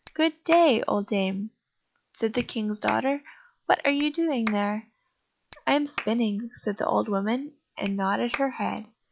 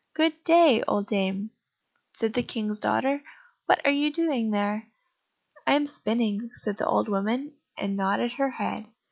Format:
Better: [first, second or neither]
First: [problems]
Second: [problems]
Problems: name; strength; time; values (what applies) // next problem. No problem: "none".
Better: second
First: background sound (Clapping); 17 dB below the speech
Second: none